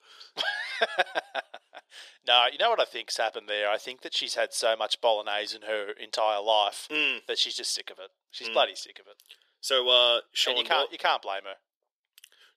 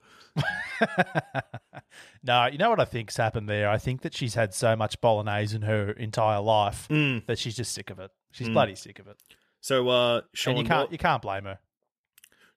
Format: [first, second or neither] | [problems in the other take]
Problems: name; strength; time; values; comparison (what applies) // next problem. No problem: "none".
second | thin; very; fading below 400 Hz